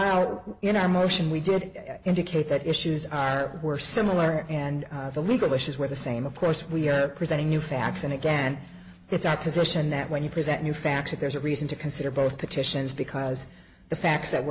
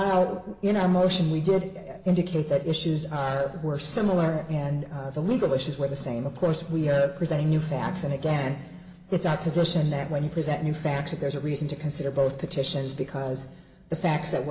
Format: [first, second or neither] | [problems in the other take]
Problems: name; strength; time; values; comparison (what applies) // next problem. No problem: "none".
first | room echo; dies away in 1.4 s